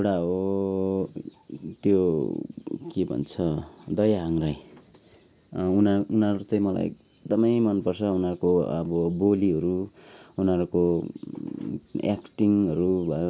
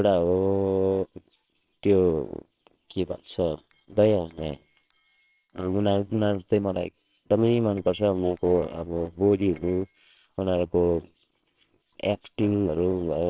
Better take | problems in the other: first | noise reduction (neural separator model SepFormer WHAMR!)

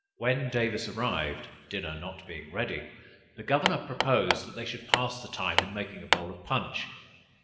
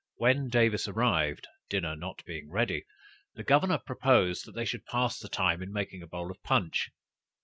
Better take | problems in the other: second | background sound (Hammer); 1 dB above the speech // room echo; dies away in 1.7 s

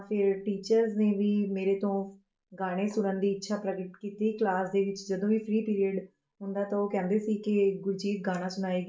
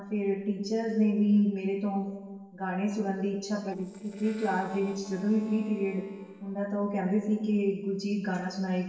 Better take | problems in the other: first | noise reduction (neural separator model SepFormer DNS4)

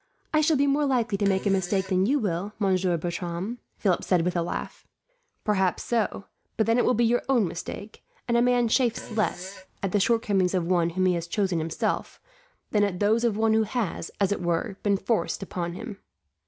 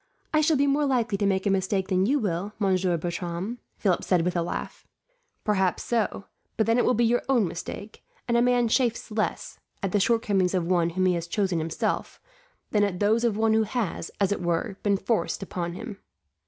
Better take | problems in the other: second | background sound (Fart); 18 dB below the speech

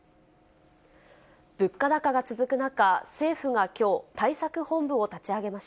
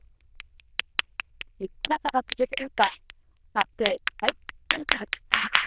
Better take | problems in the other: first | noise reduction (neural diffusion model UNIVERSE++)

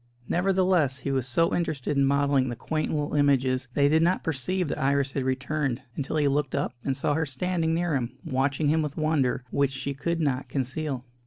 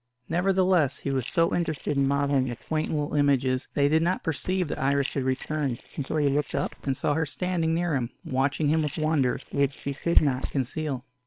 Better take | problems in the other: first | noise reduction (neural separator model SepFormer WHAM!)

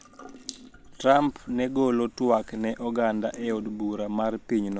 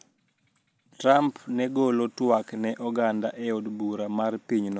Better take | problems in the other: second | background sound (Drip / Sink (filling or washing) / Water tap, faucet); 20 dB below the speech

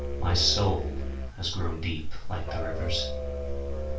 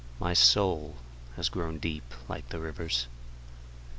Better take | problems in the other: second | background sound (Musical instrument); 5 dB below the speech // room echo; dies away in 0.3 s

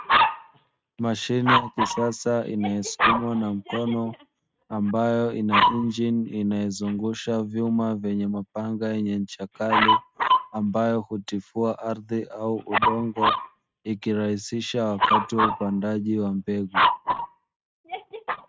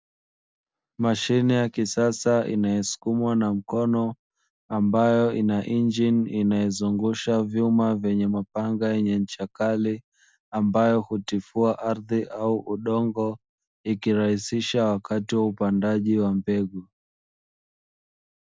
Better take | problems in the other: second | noise reduction (neural mask model RNNoise)

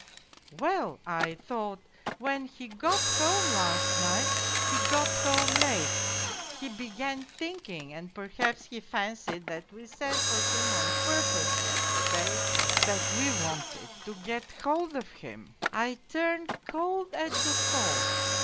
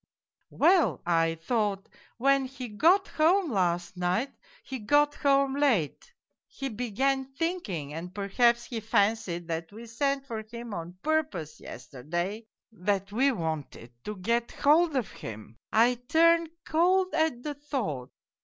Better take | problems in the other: second | background sound (Mechanisms); 3 dB above the speech

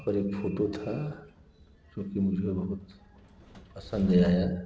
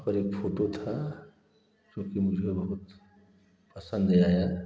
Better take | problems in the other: second | background sound (Train); 19 dB below the speech

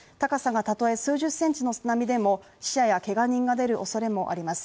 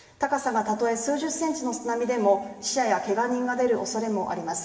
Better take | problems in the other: first | room echo; dies away in 2.8 s

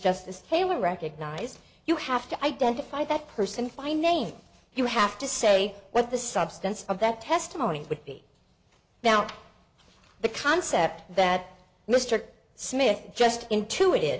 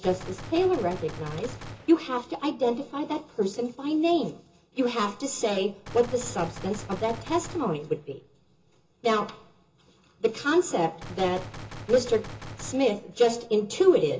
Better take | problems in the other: first | background sound (Gunshot, gunfire); 14 dB below the speech // room echo; dies away in 0.2 s

